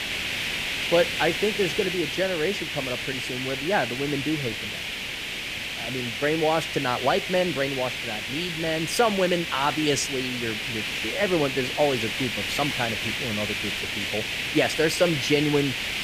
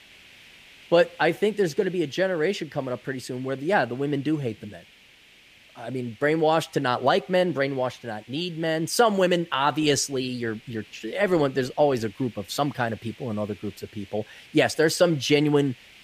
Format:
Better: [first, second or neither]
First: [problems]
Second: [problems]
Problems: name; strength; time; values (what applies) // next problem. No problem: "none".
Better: second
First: hiss; loud; throughout; 2 dB below the speech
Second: hiss; faint; throughout; 25 dB below the speech